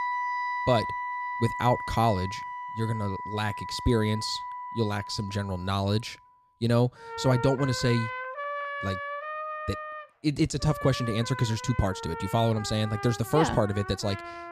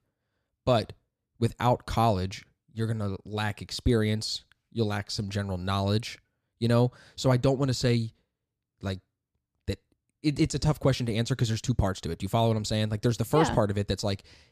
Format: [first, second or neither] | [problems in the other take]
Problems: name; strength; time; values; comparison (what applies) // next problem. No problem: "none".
second | background music; loud; throughout; 7 dB below the speech